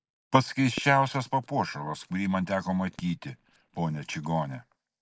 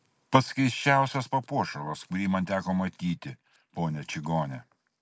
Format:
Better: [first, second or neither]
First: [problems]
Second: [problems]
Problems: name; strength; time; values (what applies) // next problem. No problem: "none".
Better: second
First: noise reduction (neural mask model DeepFilterNet 3)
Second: none